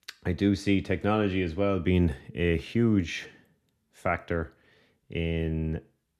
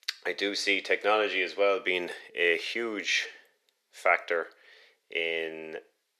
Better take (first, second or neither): first